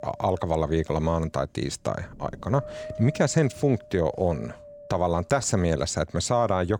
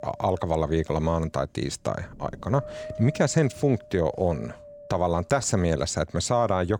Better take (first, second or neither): neither